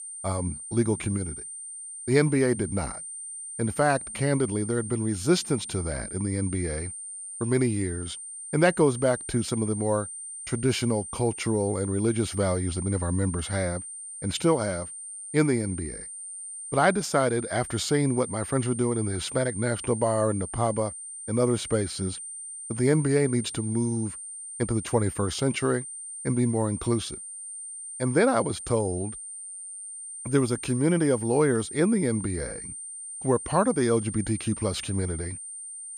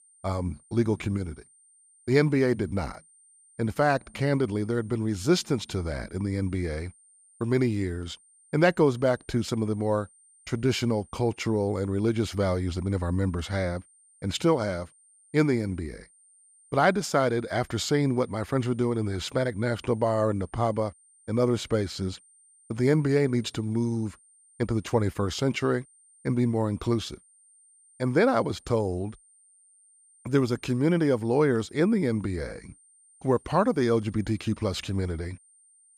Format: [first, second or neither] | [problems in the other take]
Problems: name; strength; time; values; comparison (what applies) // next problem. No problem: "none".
second | high-pitched whine; loud; throughout; 9 kHz, 9 dB below the speech; faint in the second